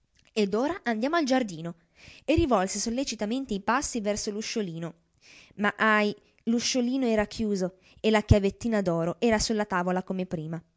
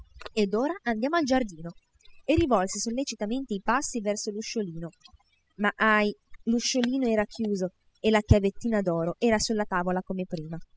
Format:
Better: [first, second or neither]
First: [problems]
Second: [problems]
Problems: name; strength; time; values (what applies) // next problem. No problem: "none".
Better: first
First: none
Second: noise reduction (classical method spectral subtraction)